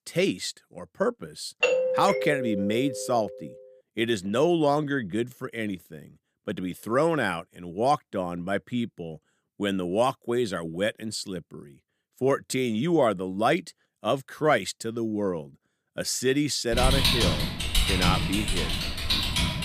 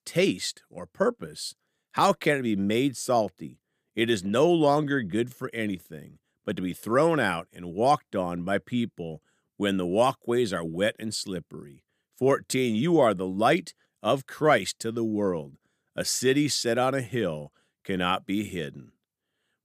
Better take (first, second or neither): second